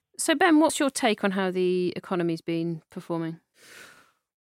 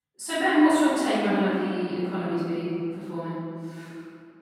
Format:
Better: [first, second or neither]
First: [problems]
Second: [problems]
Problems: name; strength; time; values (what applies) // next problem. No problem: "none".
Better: first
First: none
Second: off-mic speech; far // room echo; strong; dies away in 2.5 s